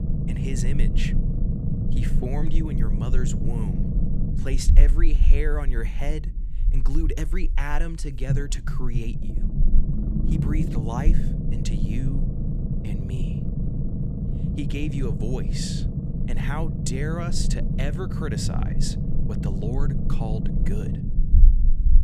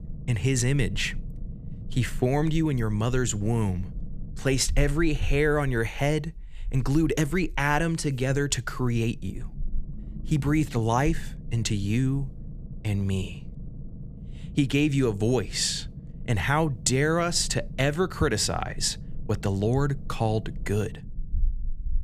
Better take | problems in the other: second | low rumble; loud; throughout; 2 dB below the speech; faint in the second

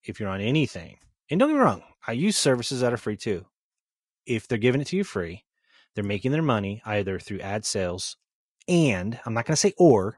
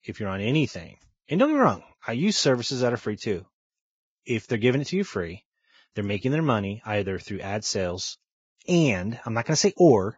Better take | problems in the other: first | garbled, watery; badly; slightly in the first

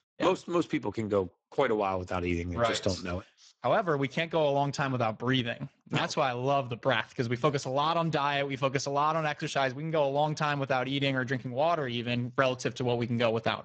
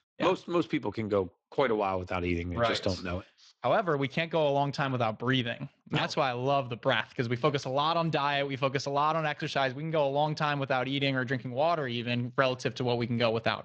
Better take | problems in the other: second | garbled, watery; badly; nothing above 7.5 kHz; slightly in the second

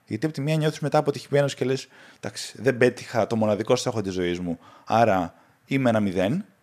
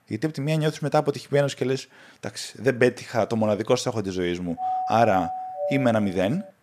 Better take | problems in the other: first | doorbell; noticeable; from 4.5 s on; peak 3 dB below the speech

